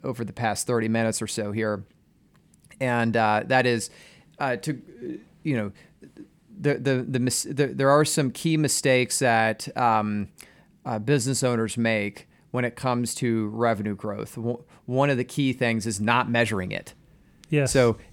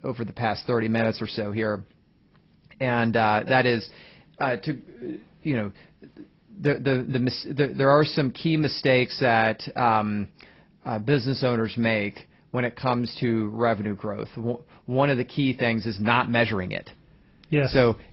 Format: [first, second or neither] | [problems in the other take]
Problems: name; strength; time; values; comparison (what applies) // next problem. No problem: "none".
first | garbled, watery; badly; nothing above 5.5 kHz